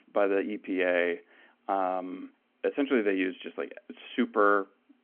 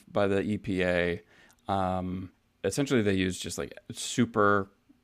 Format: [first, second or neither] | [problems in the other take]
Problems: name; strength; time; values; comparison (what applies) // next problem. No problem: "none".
second | phone-call audio